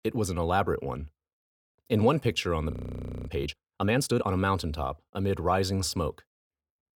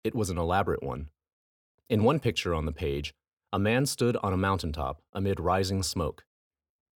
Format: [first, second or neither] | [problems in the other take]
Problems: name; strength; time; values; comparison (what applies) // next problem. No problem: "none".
second | audio freezing; at 2.5 s for 0.5 s